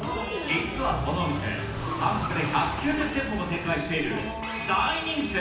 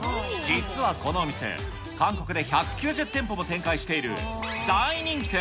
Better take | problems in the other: second | background sound (Car); 7 dB below the speech // room echo; dies away in 0.9 s

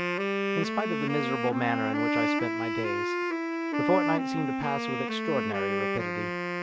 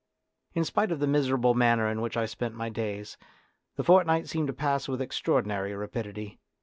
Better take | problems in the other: second | background sound (Wind instrument, woodwind instrument); 3 dB above the speech

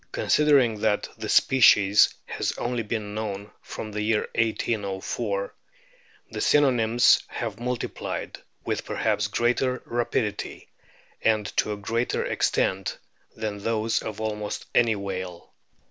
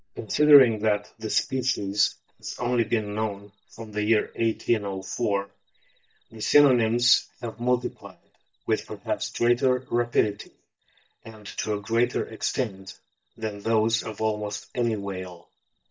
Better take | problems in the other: first | noise reduction (neural mask model DeepFilterNet 3)

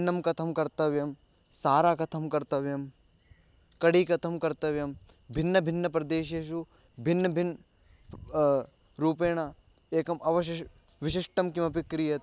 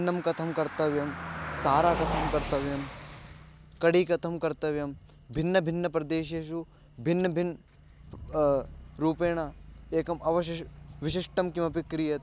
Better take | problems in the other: first | background sound (Car passing by); 11 dB below the speech

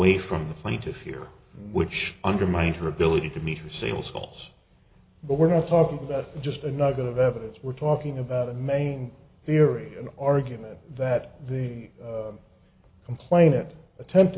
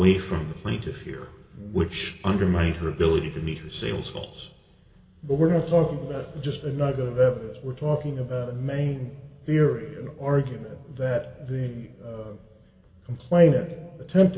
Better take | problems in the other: first | room echo; dies away in 1.6 s

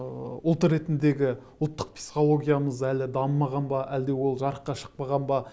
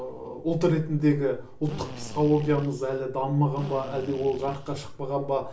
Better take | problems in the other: first | background sound (Drill); 15 dB below the speech // room echo; dies away in 0.3 s

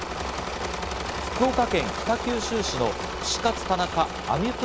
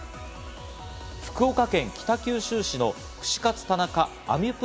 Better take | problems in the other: second | background sound (Engine / Mechanisms); 4 dB below the speech

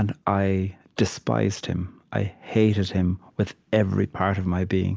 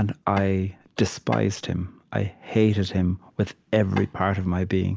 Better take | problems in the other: first | background sound (Tap / Wood); 13 dB below the speech

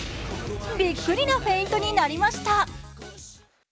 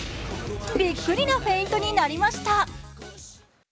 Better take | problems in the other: first | background sound (Water / Splash, splatter); 14 dB below the speech

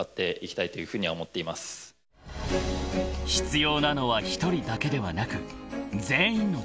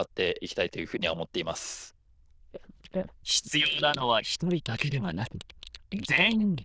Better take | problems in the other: first | noise reduction (neural diffusion model UNIVERSE++)

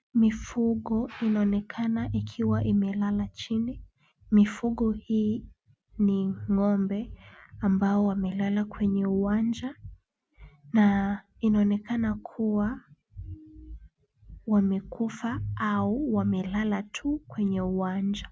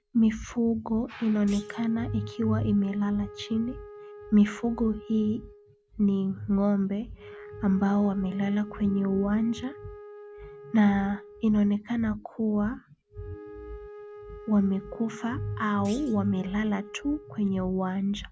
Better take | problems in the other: first | background sound (Thump, thud + Wind instrument, woodwind instrument); 18 dB below the speech

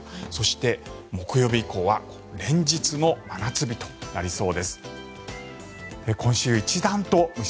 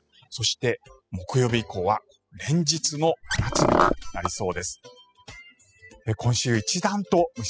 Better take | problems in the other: first | noise reduction (classical method spectral subtraction)

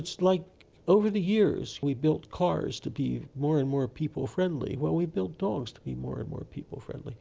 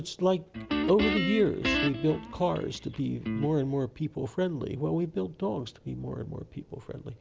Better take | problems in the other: first | background sound (Guitar); 3 dB below the speech

